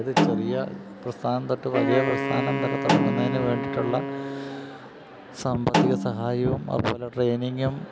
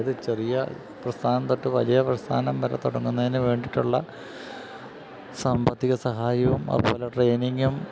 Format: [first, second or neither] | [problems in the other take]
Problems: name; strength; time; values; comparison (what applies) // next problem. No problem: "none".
second | background sound (Snare drum + Wind instrument, woodwind instrument); 1 dB below the speech